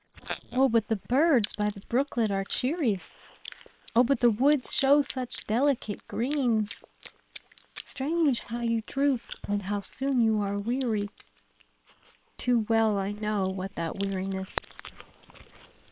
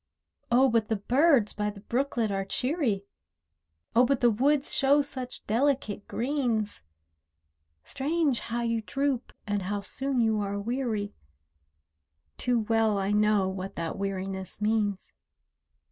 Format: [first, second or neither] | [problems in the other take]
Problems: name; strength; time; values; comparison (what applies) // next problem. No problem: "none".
second | noise reduction (neural separator model SepFormer WHAM!)